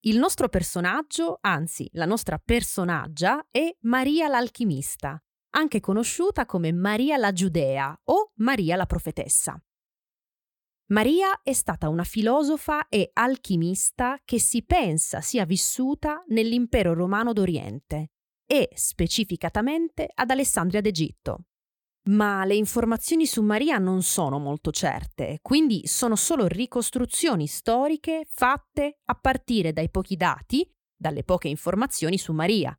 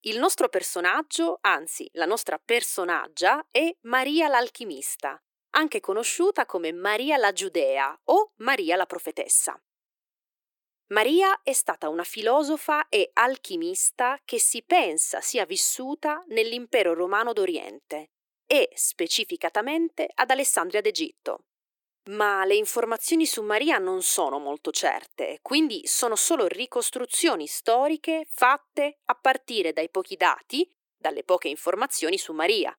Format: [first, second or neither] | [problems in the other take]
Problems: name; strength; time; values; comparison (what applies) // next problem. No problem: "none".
first | thin; very; fading below 350 Hz